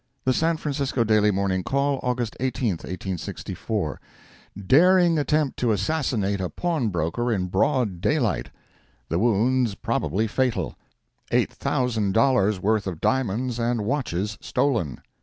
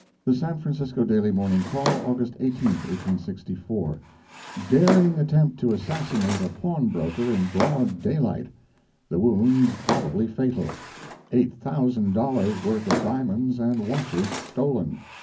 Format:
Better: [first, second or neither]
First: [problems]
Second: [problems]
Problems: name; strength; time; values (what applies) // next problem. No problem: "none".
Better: first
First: none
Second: background sound (Drawer open or close); 10 dB below the speech // room echo; dies away in 0.3 s